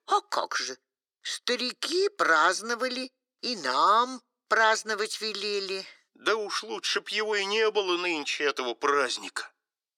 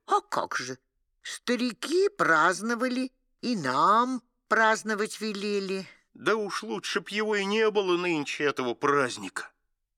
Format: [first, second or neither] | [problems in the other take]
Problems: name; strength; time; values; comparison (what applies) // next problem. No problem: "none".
second | thin; somewhat; fading below 450 Hz